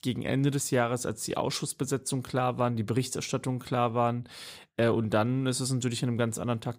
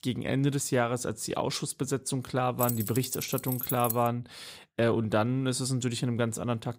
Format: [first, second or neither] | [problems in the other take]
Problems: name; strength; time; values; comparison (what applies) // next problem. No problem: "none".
first | jangling keys; noticeable; from 2.5 to 4 s; peak 2 dB below the speech